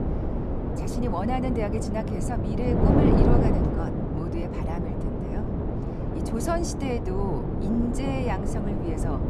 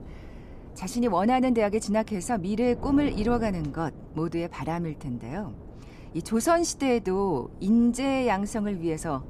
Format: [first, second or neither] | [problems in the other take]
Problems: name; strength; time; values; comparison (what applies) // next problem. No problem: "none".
second | wind noise on the microphone; heavy; 1 dB above the speech; occasional gusts in the second